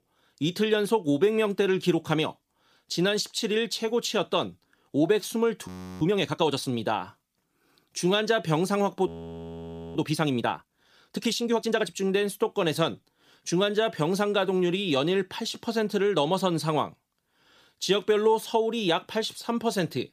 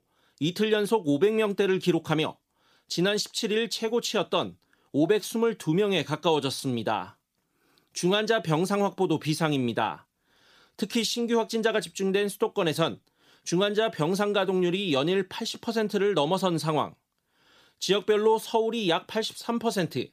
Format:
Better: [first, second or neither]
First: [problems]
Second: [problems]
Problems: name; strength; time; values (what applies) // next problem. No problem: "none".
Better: second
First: audio freezing; at 5.5 s and at 9 s for 1 s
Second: none